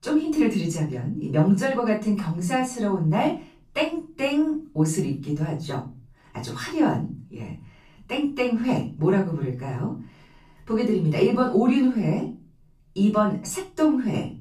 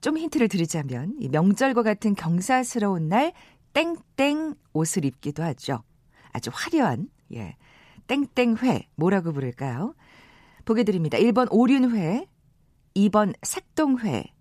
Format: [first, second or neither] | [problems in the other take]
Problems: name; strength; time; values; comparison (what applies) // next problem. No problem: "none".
second | off-mic speech; far // room echo; slight; dies away in 0.3 s